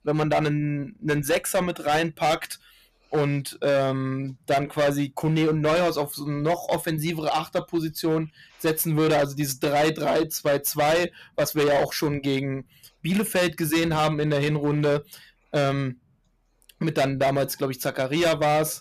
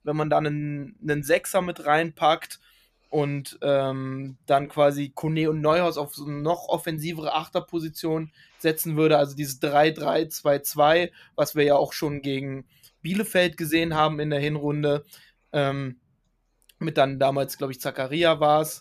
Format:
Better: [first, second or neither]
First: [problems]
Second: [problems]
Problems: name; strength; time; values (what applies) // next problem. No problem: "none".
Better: second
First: distortion; heavy; 13% of the sound clipped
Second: none